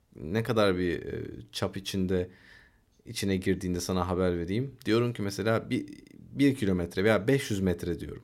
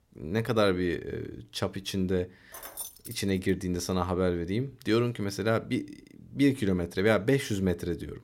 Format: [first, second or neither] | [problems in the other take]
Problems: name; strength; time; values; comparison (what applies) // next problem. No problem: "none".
first | jangling keys; noticeable; at 2.5 s; peak 9 dB below the speech